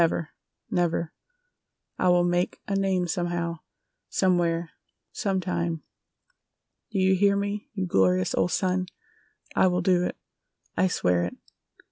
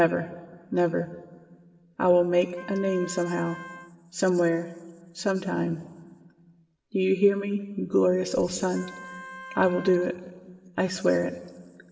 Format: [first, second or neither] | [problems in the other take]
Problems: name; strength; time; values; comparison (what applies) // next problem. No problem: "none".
first | background sound (Wind instrument, woodwind instrument); 17 dB below the speech // room echo; dies away in 1.6 s